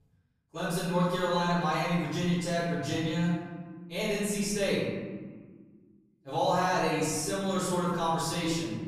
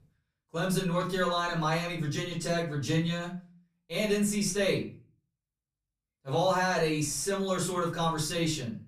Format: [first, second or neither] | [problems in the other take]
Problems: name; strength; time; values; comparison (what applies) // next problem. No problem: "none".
second | room echo; strong; dies away in 1.6 s; slight in the second // off-mic speech; far; far in the second